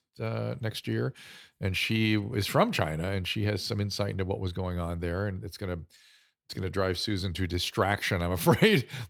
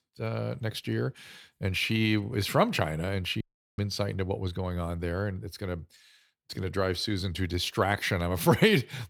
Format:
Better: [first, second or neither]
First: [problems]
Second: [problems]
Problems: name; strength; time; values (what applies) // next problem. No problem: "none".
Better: first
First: none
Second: audio cutting out; at 3.5 s